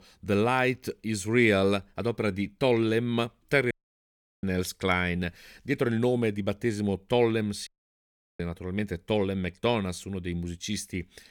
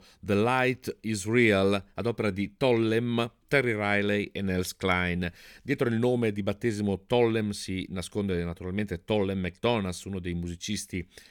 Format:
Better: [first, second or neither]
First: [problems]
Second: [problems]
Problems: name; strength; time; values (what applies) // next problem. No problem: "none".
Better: second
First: audio cutting out; at 3.5 s for 0.5 s and at 7.5 s for 0.5 s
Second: none